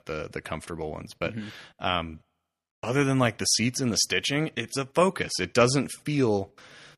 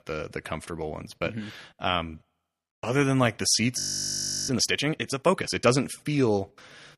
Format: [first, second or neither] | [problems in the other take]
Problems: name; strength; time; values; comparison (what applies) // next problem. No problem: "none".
first | audio freezing; at 4 s for 0.5 s